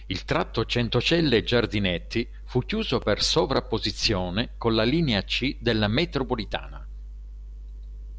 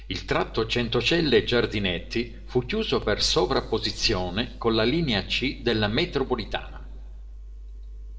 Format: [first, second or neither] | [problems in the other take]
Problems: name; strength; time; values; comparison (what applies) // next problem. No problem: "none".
first | room echo; dies away in 1 s